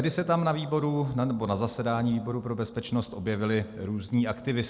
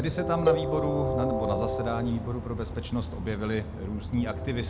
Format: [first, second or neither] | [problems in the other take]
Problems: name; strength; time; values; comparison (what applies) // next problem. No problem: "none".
first | background sound (Train + Cowbell); as loud as the speech